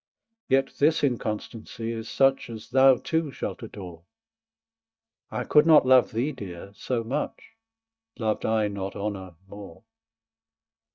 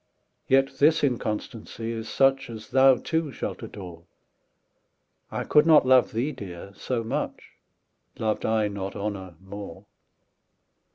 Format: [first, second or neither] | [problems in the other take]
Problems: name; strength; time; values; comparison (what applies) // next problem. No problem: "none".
second | noise reduction (neural mask model DeepFilterNet 3)